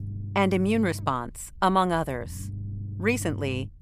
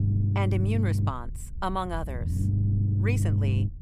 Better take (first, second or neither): first